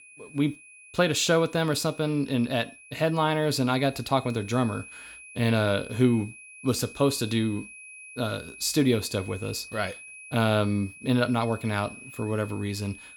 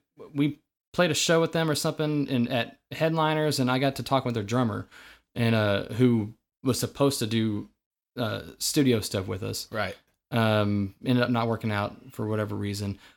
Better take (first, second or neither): second